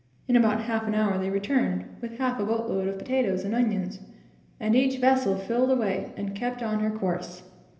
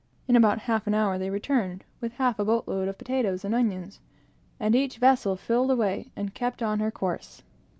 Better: second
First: room echo; dies away in 0.8 s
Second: none

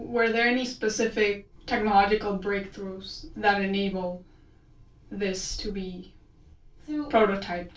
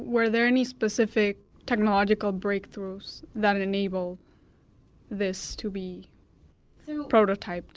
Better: second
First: room echo; dies away in 0.2 s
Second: none

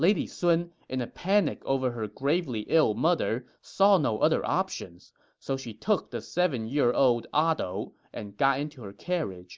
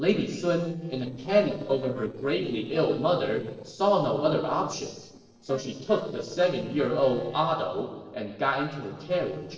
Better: first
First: none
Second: noise reduction (neural separator model SepFormer DNS4)

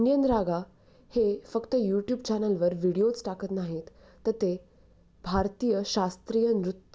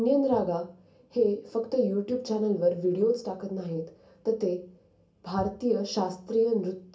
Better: first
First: none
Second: room echo; dies away in 0.3 s

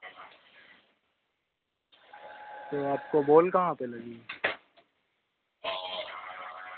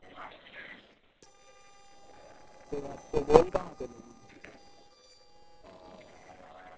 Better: first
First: none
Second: noise reduction (neural separator model SepFormer DNS4)

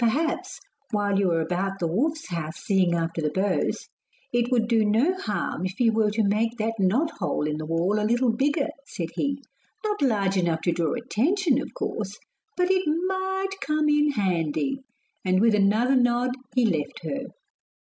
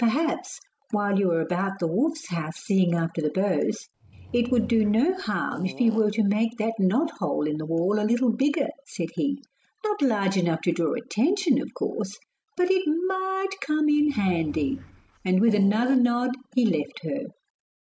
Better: first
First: none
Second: background sound (Fart / Drawer open or close); 19 dB below the speech

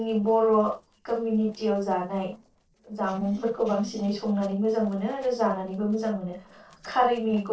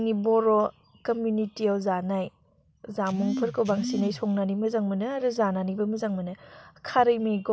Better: second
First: noise reduction (neural separator model SepFormer DNS4)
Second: none

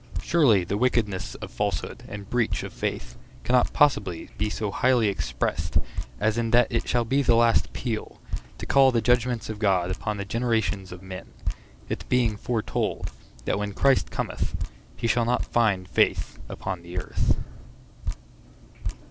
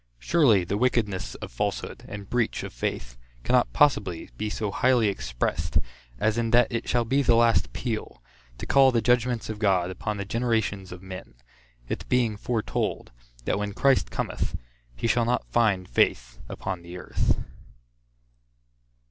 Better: second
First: background sound (Drip); 8 dB below the speech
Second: none

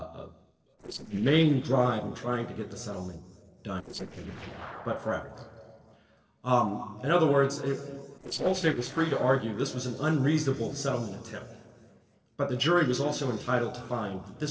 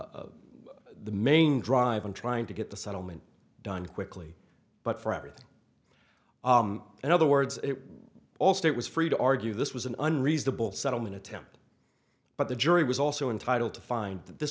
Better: second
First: noise reduction (neural separator model SepFormer DNS4)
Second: none

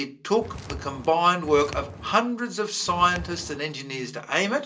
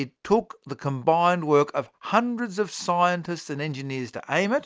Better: second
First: background sound (Walk, footsteps); 12 dB below the speech // room echo; dies away in 0.2 s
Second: none

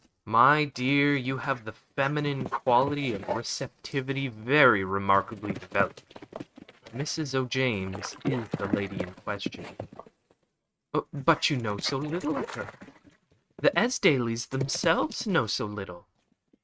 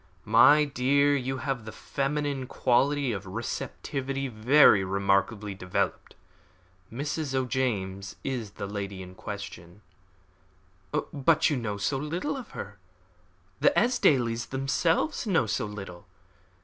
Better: second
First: noise reduction (neural mask model RNNoise)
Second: none

